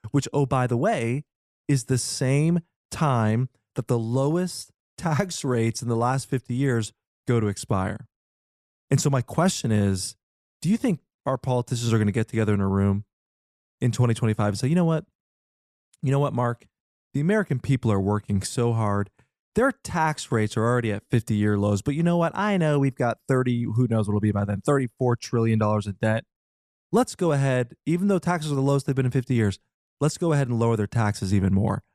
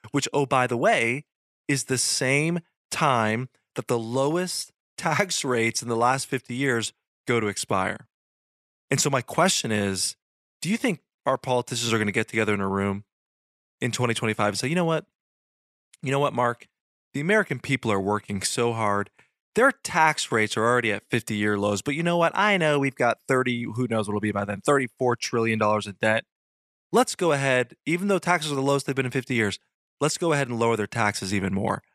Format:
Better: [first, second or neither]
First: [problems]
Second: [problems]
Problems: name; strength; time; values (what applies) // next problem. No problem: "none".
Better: first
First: none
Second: thin; somewhat; fading below 1 kHz